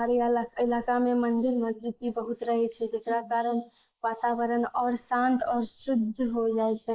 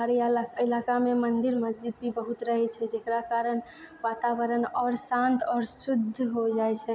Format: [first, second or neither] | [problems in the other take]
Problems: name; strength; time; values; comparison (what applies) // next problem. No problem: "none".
second | noise reduction (neural mask model Resemble Enhance denoiser)